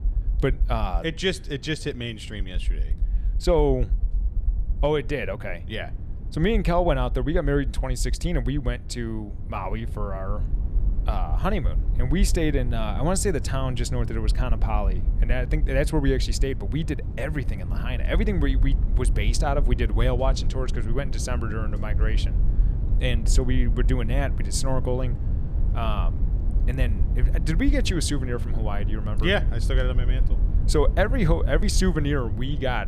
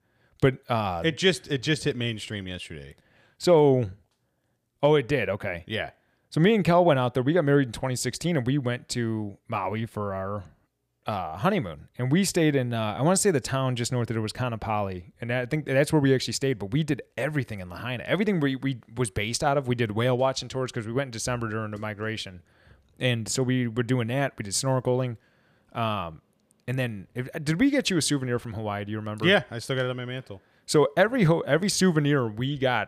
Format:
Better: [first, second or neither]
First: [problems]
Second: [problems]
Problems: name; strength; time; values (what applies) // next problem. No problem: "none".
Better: second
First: low rumble; noticeable; throughout; 15 dB below the speech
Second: none